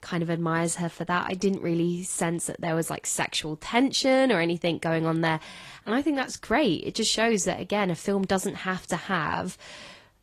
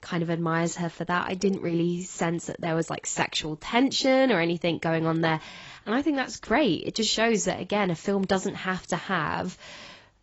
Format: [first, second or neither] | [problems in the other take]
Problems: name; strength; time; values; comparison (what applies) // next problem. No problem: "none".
first | garbled, watery; badly; nothing above 8 kHz; slightly in the first